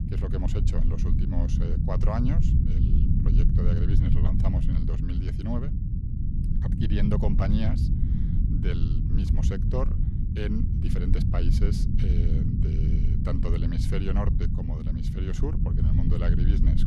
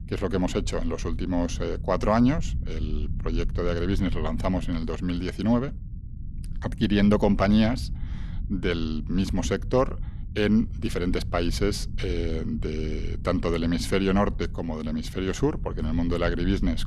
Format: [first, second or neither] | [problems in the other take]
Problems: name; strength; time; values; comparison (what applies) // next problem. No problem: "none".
second | low rumble; loud; throughout; 1 dB below the speech; faint in the second